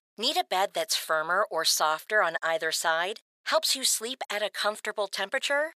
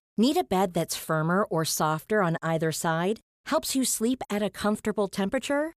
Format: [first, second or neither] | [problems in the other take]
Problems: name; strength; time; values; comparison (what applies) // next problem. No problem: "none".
second | thin; very; fading below 650 Hz